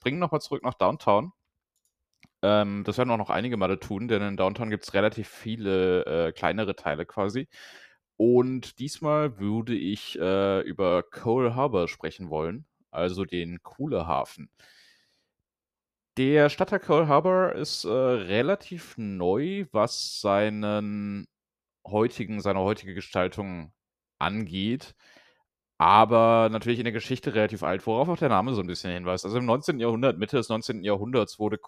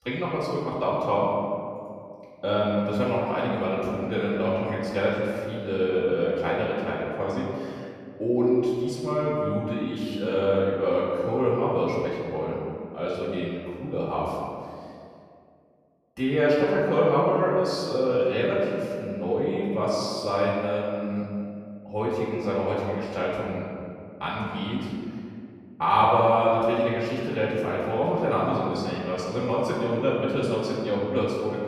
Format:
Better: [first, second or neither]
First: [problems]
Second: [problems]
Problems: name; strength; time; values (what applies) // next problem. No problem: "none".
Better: first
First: none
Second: room echo; noticeable; dies away in 2.1 s // off-mic speech; far